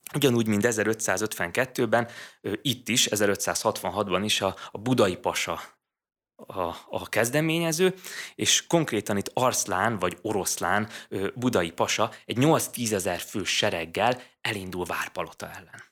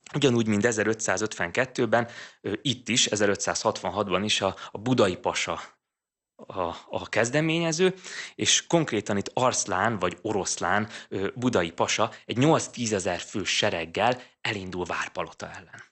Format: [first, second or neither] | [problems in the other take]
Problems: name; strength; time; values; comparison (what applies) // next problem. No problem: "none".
first | garbled, watery; slightly; nothing above 8 kHz